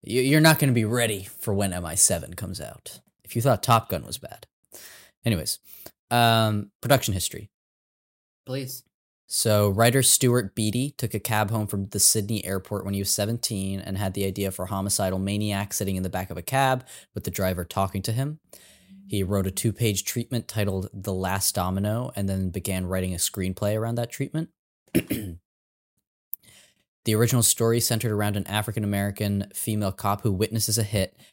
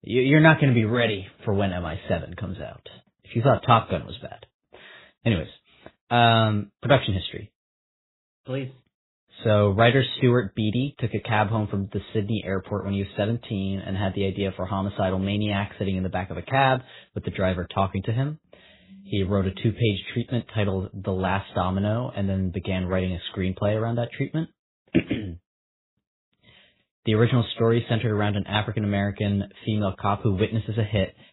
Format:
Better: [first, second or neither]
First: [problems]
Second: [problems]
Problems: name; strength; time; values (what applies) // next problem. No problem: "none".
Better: first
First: none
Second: garbled, watery; badly; nothing above 4 kHz